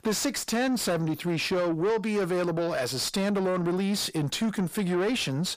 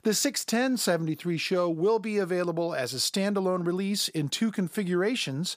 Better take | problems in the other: second | distortion; slight; 10 dB below the speech

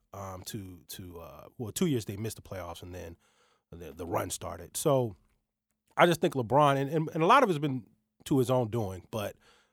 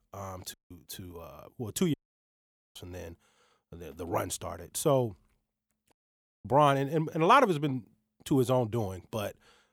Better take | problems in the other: first | audio cutting out; at 0.5 s, at 2 s for 1 s and at 6 s for 0.5 s

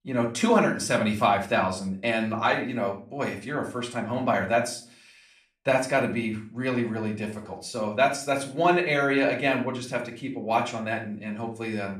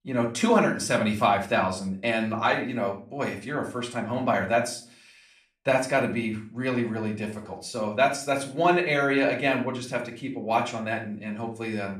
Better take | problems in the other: neither | off-mic speech; somewhat distant; the same in both // room echo; slight; dies away in 0.3 s; the same in both

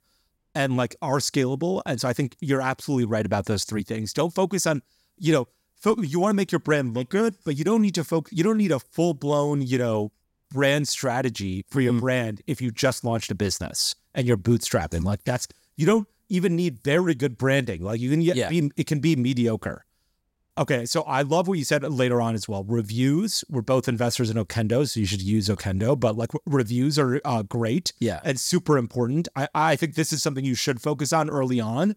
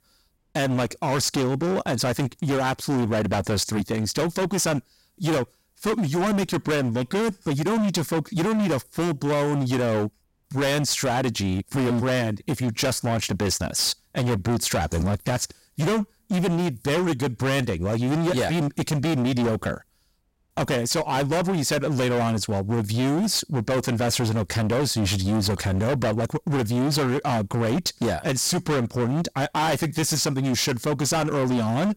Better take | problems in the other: first | distortion; heavy; 28% of the sound clipped

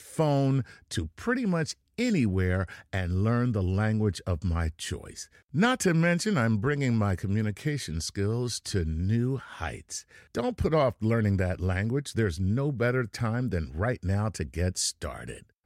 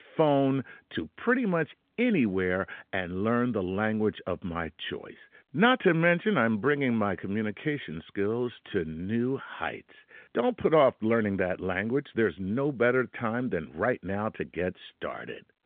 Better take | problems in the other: first | phone-call audio; nothing above 3.5 kHz

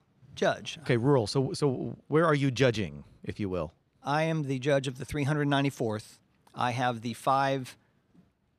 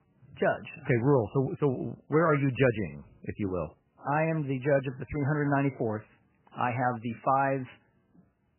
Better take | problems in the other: first | garbled, watery; badly; nothing above 3 kHz

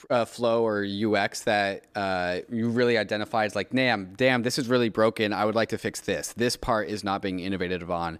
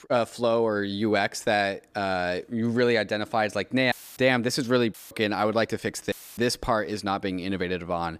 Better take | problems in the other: first | audio cutting out; filled with static; at 4 s, at 5 s and at 6 s

